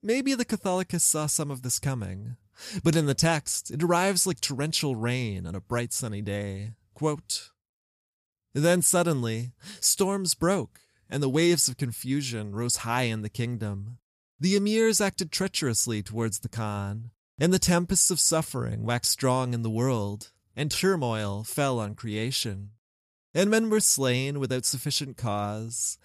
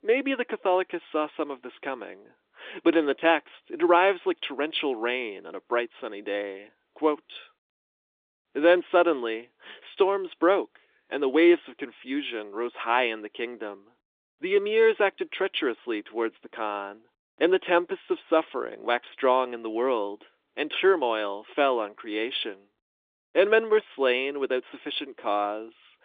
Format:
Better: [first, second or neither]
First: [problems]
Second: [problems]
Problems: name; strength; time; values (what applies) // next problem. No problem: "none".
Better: first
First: none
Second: phone-call audio